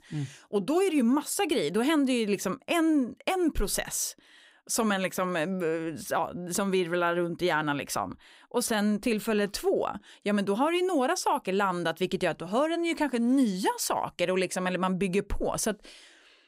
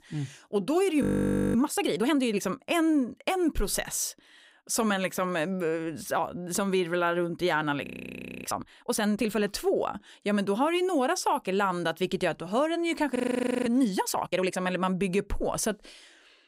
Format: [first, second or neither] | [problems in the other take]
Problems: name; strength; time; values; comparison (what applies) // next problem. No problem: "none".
first | audio freezing; at 1 s for 0.5 s, at 8 s for 0.5 s and at 13 s for 0.5 s